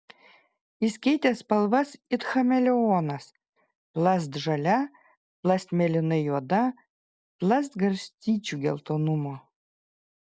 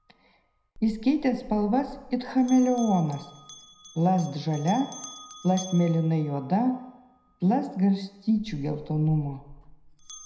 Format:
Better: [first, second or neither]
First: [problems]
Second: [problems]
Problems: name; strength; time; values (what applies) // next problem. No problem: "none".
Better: first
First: none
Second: background sound (Bell); 20 dB below the speech // room echo; dies away in 0.7 s